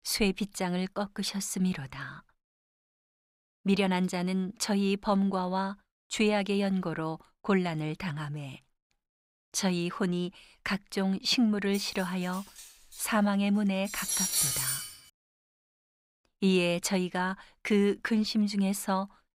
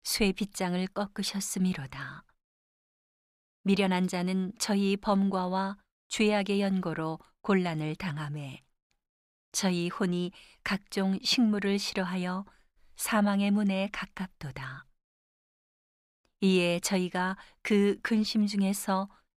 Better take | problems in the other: second | clattering dishes; loud; from 12 to 15 s; peak 4 dB above the speech

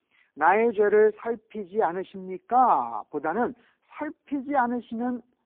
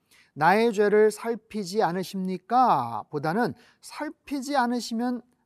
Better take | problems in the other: second | phone-call audio; poor line

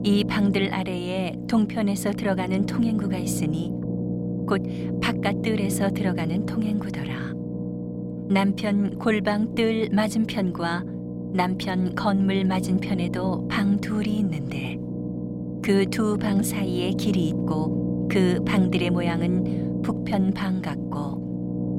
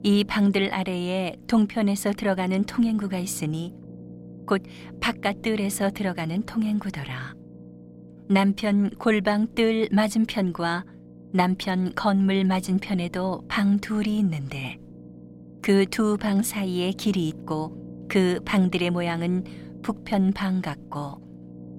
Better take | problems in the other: second | low rumble; loud; throughout; 6 dB below the speech; faint in the second

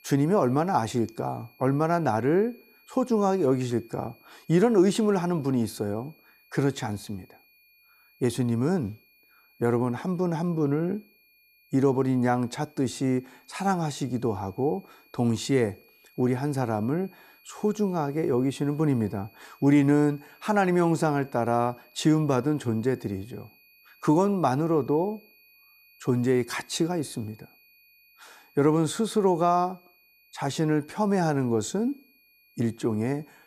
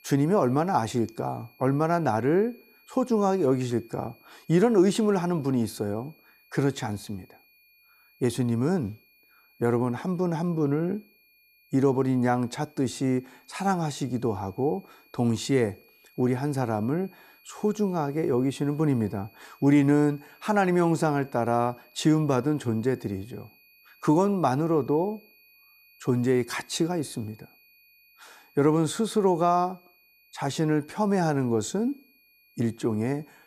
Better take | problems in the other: neither | high-pitched whine; faint; throughout; 2.5 kHz, 30 dB below the speech; the same in both

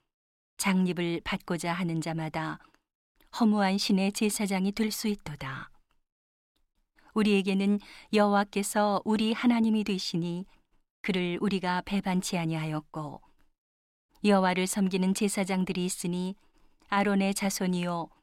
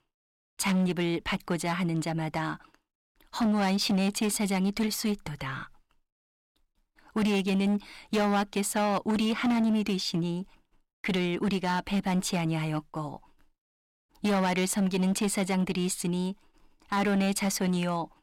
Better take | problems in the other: first | distortion; slight; 10% of the sound clipped

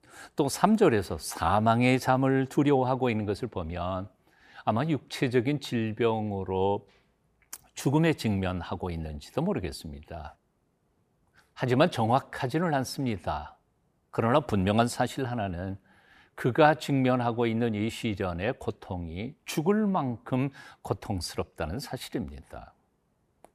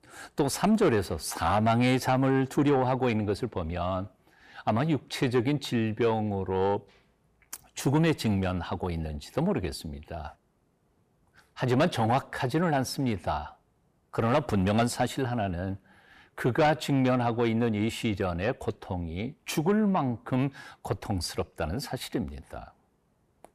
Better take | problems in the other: first | distortion; slight; 10 dB below the speech

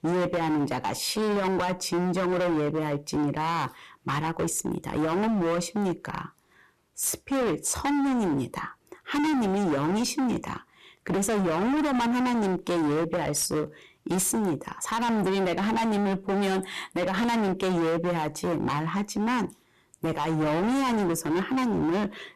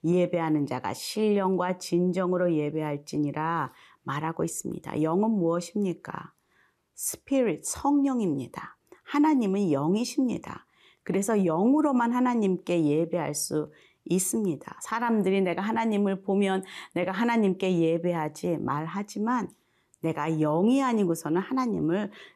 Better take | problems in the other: second | distortion; heavy; 32% of the sound clipped

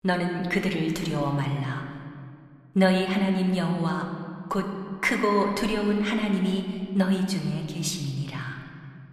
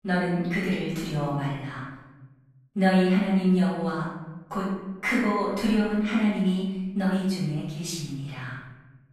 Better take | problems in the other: first | room echo; strong; dies away in 1 s; slight in the first // off-mic speech; far

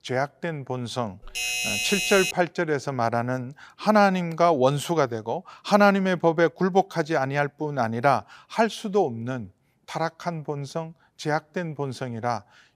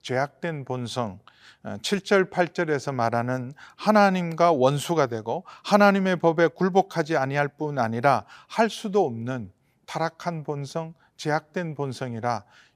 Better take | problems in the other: second | doorbell; loud; from 1 to 2.5 s; peak 1 dB above the speech

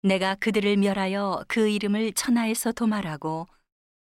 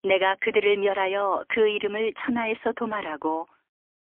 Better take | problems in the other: first | phone-call audio; poor line; nothing above 3.5 kHz

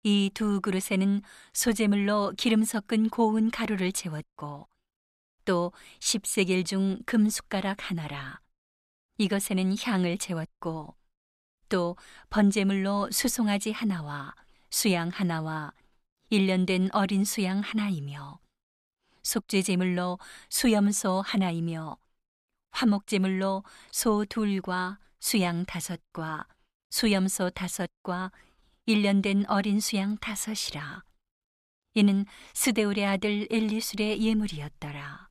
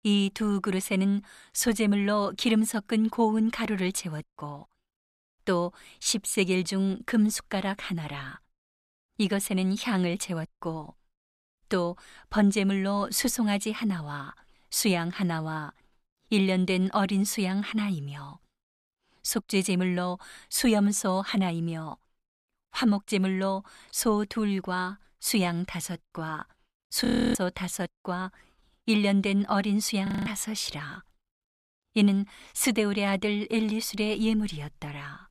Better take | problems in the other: first | audio freezing; at 27 s and at 30 s

